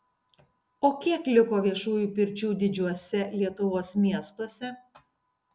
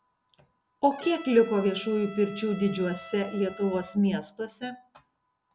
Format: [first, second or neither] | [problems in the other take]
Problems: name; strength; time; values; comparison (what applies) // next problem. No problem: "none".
first | background sound (Trumpet); 17 dB below the speech